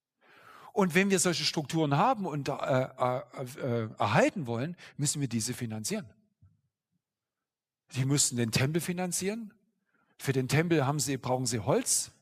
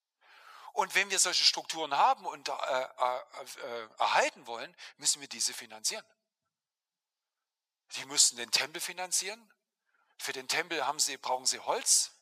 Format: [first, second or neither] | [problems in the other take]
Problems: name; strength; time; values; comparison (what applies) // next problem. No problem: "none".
first | thin; very; fading below 750 Hz